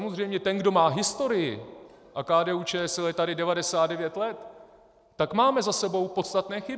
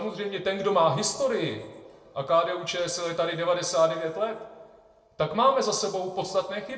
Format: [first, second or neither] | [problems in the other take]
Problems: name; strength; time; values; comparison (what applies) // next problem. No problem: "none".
first | room echo; dies away in 0.5 s